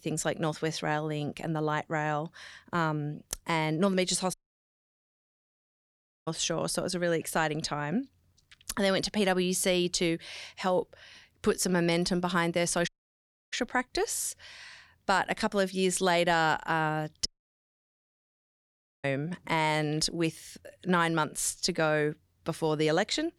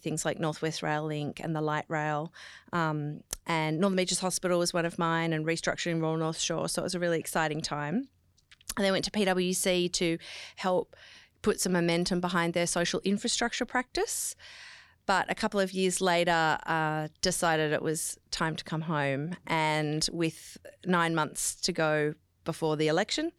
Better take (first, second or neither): second